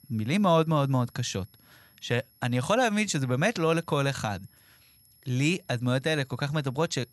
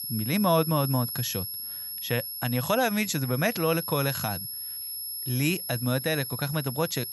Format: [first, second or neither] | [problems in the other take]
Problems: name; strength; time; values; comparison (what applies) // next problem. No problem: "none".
first | high-pitched whine; loud; throughout; 11.5 kHz, 5 dB below the speech; faint in the first